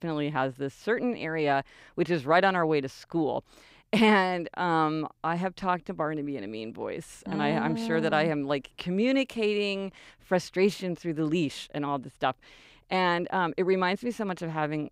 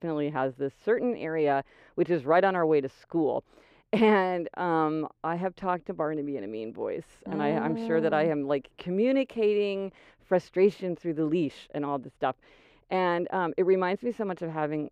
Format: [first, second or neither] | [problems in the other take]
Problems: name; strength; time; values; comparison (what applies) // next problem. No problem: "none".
first | muffled; slightly; fading above 3.5 kHz